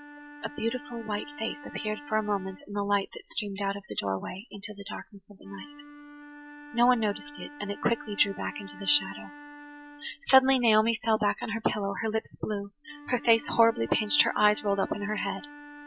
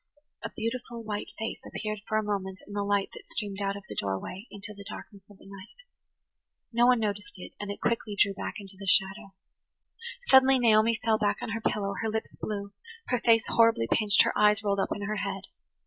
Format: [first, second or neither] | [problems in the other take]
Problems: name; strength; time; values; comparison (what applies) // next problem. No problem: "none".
second | background sound (Wind instrument, woodwind instrument); 18 dB below the speech